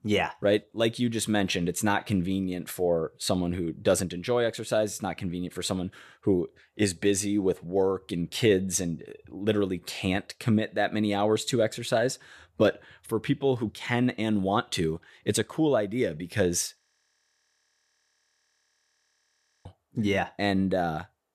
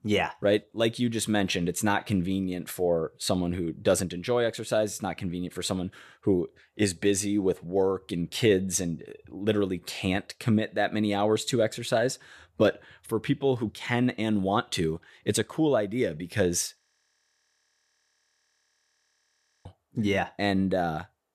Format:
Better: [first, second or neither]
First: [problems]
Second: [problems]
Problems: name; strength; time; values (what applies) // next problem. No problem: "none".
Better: neither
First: audio freezing; at 17 s for 3 s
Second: audio freezing; at 17 s for 3 s